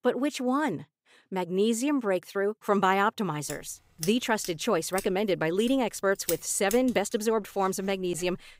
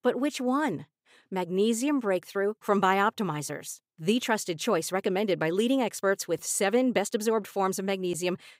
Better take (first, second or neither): second